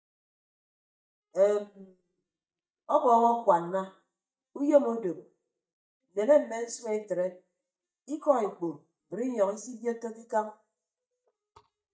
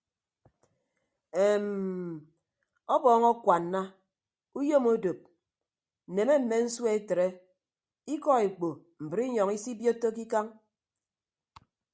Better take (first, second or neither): second